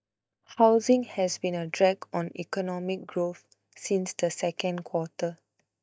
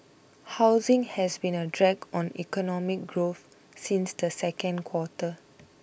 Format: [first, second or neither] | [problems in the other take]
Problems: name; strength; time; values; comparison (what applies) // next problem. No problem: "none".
second | noise reduction (neural mask model DeepFilterNet 3)